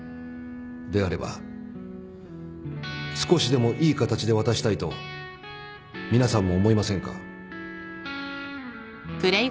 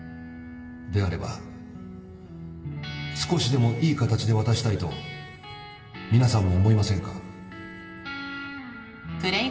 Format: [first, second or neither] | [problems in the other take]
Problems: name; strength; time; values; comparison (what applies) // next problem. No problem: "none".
first | room echo; dies away in 2.4 s